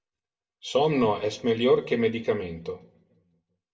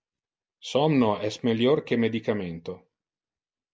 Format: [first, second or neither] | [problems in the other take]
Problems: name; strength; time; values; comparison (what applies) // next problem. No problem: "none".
second | room echo; dies away in 0.6 s